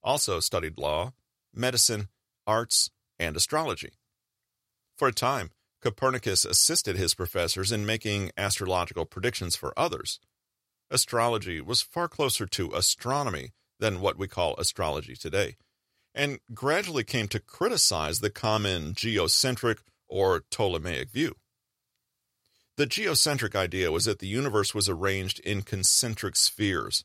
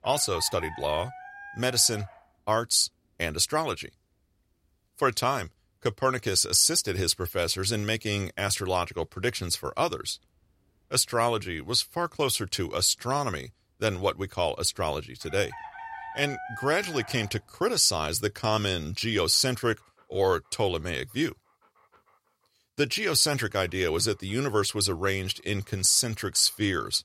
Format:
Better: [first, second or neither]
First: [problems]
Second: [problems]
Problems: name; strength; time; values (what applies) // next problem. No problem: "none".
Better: first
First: none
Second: animal sounds; noticeable; throughout; 15 dB below the speech